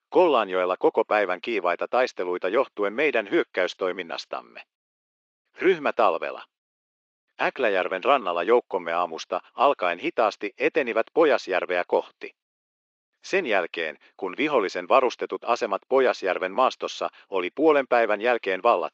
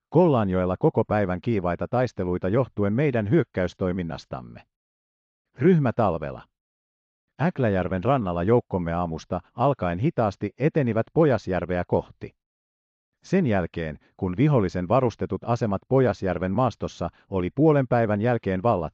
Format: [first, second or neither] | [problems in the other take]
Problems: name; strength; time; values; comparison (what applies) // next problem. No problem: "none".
second | thin; very; fading below 350 Hz